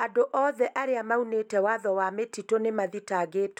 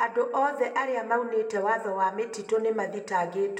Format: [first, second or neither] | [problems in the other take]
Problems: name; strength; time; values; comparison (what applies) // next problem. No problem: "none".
first | room echo; dies away in 0.9 s